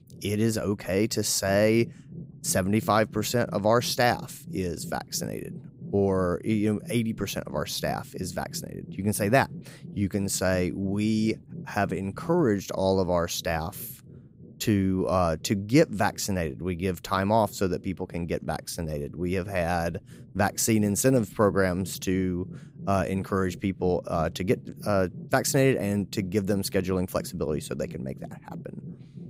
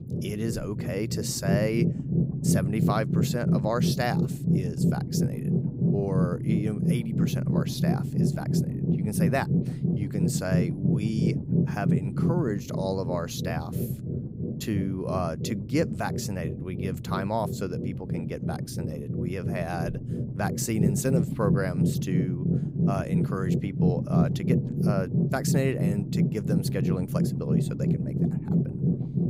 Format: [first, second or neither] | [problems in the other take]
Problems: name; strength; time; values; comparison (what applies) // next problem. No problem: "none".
first | low rumble; loud; throughout; 2 dB below the speech; faint in the first